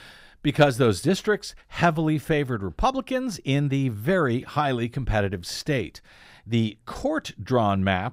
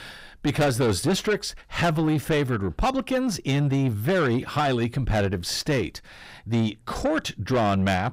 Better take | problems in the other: first | distortion; heavy; 8 dB below the speech

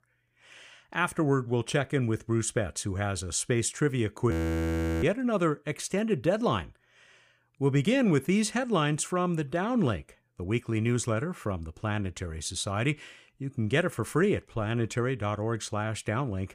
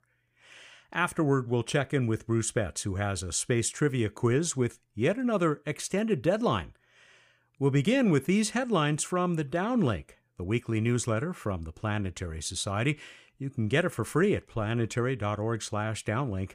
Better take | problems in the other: second | audio freezing; at 4.5 s for 0.5 s

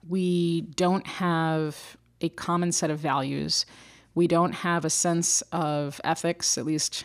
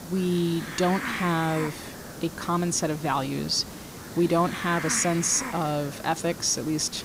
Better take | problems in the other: first | hiss; loud; throughout; 10 dB below the speech

